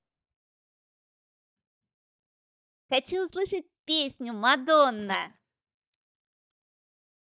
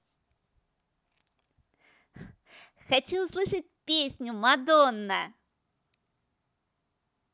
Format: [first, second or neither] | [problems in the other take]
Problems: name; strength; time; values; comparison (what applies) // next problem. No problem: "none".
second | noise reduction (neural mask model DeepFilterNet 3)